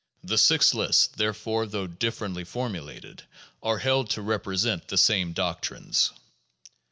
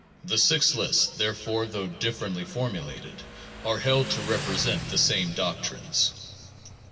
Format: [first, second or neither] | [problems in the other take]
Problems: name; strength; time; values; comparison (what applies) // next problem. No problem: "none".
first | background sound (Motorcycle); 12 dB below the speech // room echo; dies away in 1.9 s